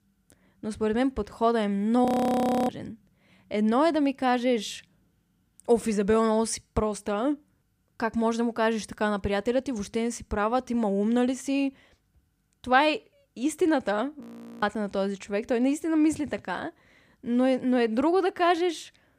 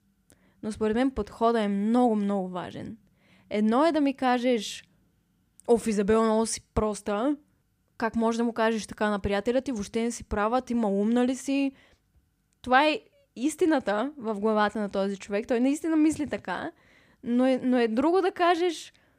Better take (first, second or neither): second